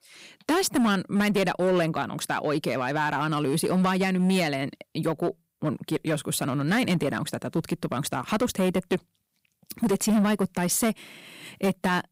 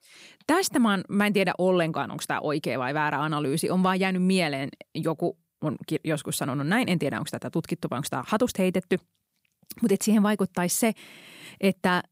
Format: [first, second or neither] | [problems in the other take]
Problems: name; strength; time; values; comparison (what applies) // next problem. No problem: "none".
second | distortion; slight; 8% of the sound clipped